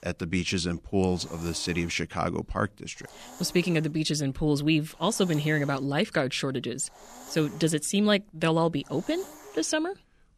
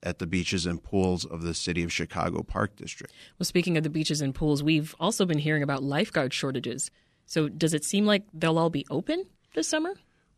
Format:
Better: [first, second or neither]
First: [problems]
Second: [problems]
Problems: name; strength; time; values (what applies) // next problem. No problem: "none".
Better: second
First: hiss; noticeable; throughout; 20 dB below the speech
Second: none